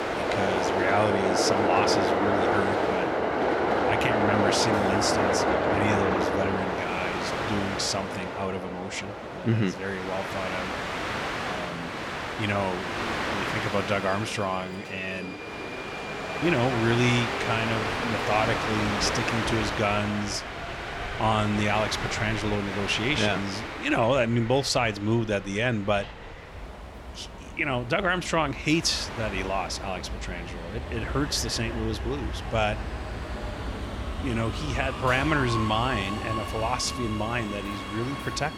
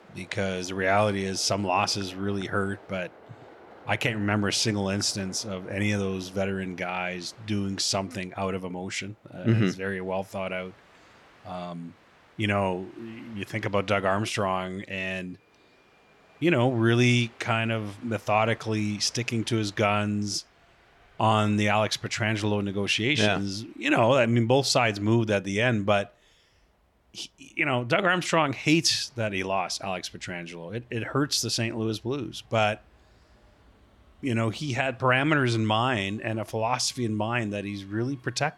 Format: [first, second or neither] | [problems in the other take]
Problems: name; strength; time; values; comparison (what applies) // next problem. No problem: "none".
second | train or aircraft noise; loud; throughout; 1 dB below the speech; faint in the second